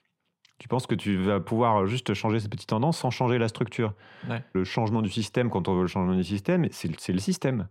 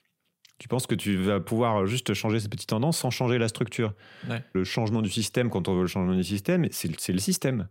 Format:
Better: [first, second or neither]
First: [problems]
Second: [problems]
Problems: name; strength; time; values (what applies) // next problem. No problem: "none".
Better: second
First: muffled; slightly; fading above 3.5 kHz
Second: none